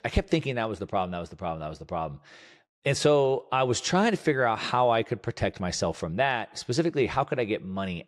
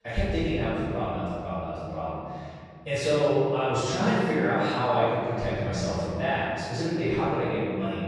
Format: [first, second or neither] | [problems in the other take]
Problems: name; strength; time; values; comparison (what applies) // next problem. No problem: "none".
first | off-mic speech; far // room echo; strong; dies away in 2.2 s